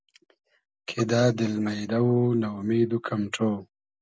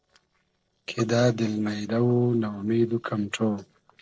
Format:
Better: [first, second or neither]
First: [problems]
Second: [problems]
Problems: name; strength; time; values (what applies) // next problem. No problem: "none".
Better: first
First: none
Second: noise reduction (neural separator model SepFormer DNS4)